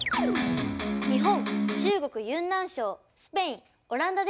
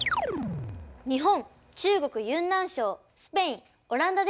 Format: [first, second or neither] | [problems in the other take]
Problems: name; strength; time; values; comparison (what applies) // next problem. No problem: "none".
second | background sound (Electric guitar); 2 dB above the speech